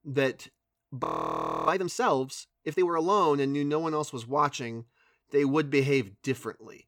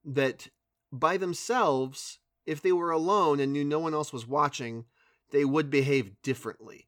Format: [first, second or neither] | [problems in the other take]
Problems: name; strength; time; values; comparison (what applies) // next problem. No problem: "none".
second | audio freezing; at 1 s for 0.5 s